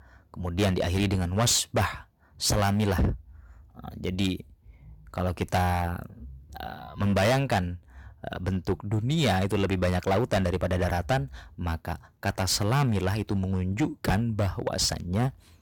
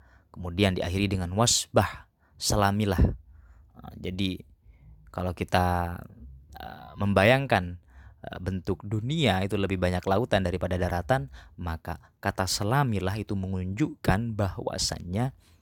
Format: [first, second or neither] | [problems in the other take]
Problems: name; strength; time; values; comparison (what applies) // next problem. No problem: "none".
second | distortion; heavy; 8% of the sound clipped